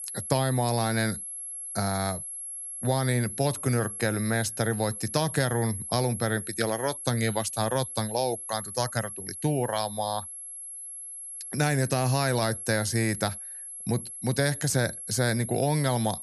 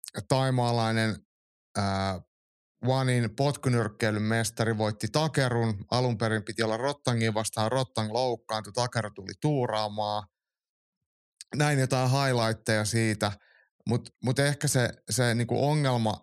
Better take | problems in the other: second | high-pitched whine; loud; throughout; 11 kHz, 7 dB below the speech

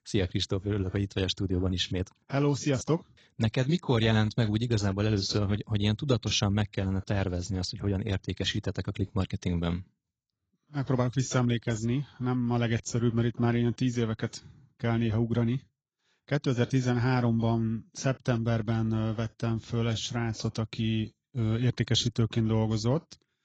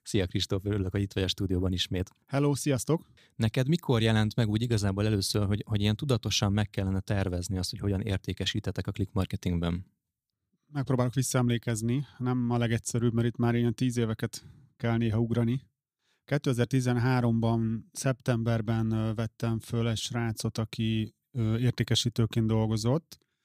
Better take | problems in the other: second | garbled, watery; badly; nothing above 7.5 kHz

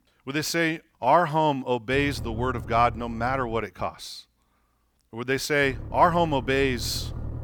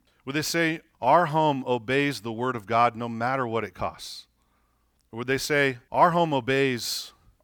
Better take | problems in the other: second | low rumble; faint; from 2 to 3.5 s and from 5.5 s on; 25 dB below the speech

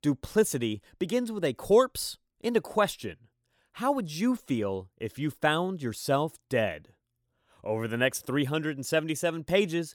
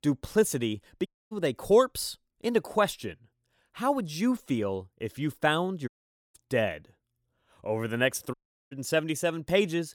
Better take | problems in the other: first | audio cutting out; at 1 s, at 6 s and at 8.5 s

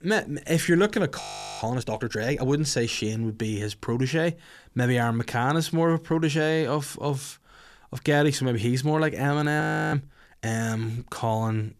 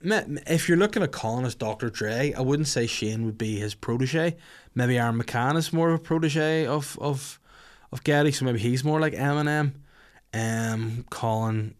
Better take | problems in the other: second | audio freezing; at 1 s and at 9.5 s

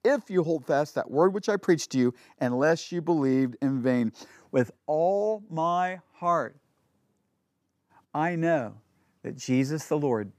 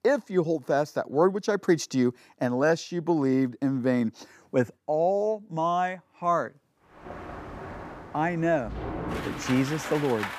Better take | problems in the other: first | rain or running water; noticeable; from 7 s on; 10 dB below the speech

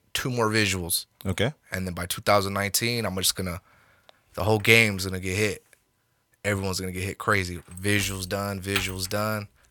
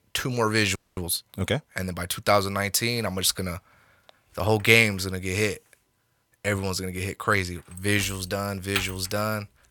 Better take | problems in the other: first | audio freezing; at 1 s

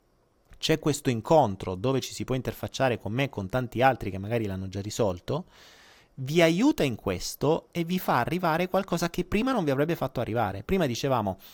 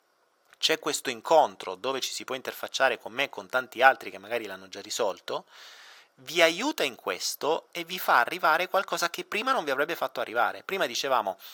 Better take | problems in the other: first | thin; very; fading below 600 Hz

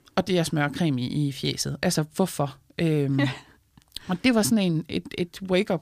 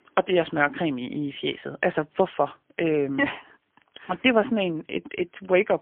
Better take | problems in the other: first | phone-call audio; poor line; nothing above 3 kHz

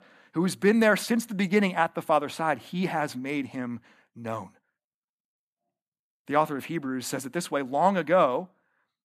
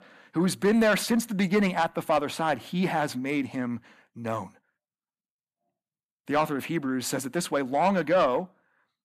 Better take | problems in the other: first | distortion; slight; 10 dB below the speech

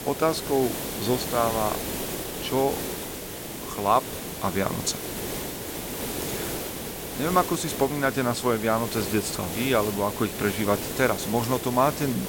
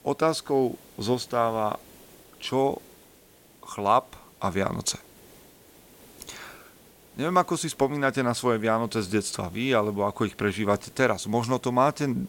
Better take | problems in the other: second | hiss; loud; throughout; 6 dB below the speech; faint in the second

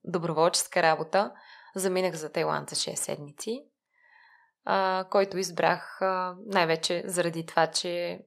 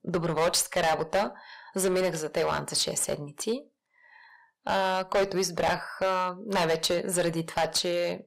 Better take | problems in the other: first | distortion; heavy; 7% of the sound clipped

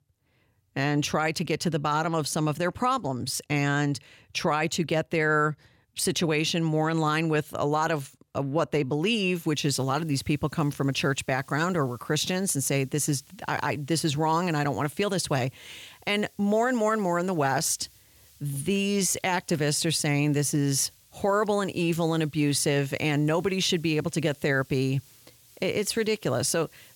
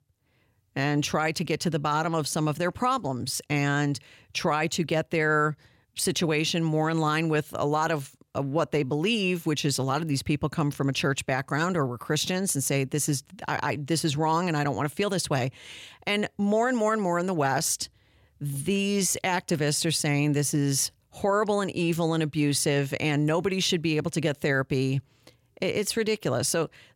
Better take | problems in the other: second | hiss; faint; from 9.5 s on; 30 dB below the speech

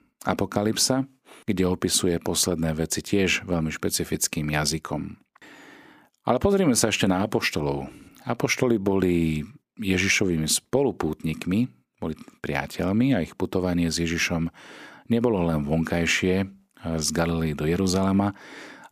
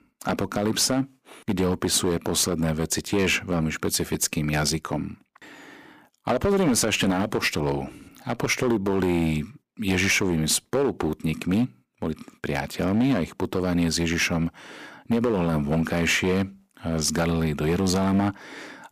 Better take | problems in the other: first | distortion; slight; 7% of the sound clipped

